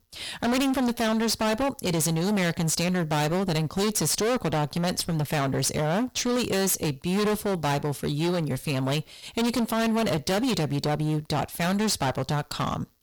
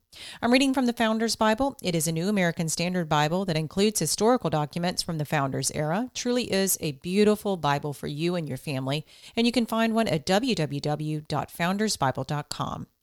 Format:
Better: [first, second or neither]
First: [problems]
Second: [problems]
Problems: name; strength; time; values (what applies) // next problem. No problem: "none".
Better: second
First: distortion; heavy; 29% of the sound clipped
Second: none